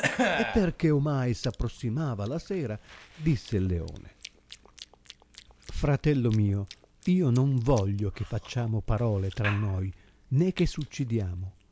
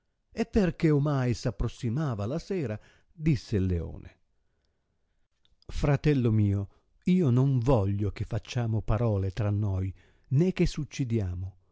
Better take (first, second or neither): second